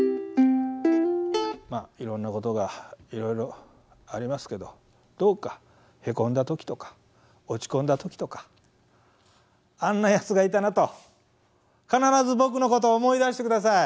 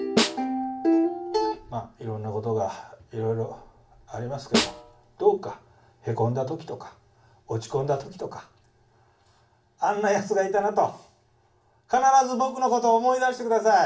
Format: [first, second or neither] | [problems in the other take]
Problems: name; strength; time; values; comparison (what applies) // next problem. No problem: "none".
first | background sound (Snare drum); 3 dB below the speech // room echo; dies away in 0.3 s